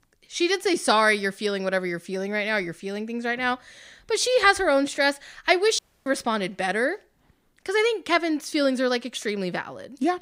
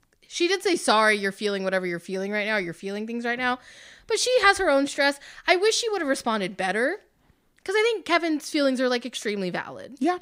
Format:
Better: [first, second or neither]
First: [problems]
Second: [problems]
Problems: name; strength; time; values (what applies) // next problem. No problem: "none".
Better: second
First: audio cutting out; at 6 s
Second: none